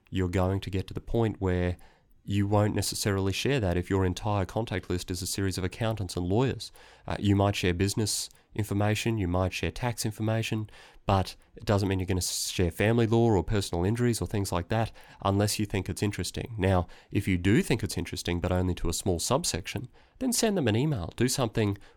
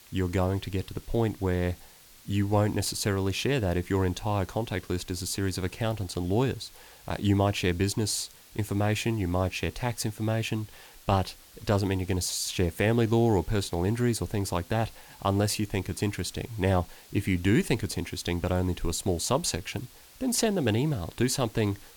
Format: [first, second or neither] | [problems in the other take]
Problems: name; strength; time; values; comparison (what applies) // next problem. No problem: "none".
first | hiss; faint; throughout; 20 dB below the speech